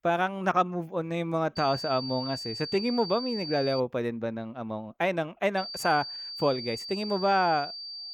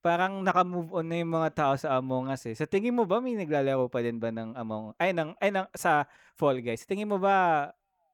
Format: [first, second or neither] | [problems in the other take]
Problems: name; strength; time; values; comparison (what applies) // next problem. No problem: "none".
second | high-pitched whine; loud; from 1.5 to 4 s and from 5.5 s on; 4.5 kHz, 7 dB below the speech